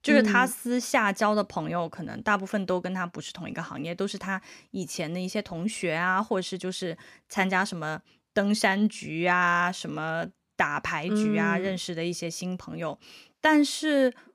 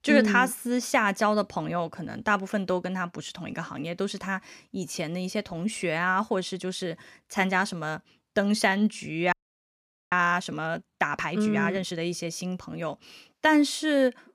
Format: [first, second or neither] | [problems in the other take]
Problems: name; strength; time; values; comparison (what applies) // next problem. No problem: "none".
first | audio freezing; at 9.5 s for 1 s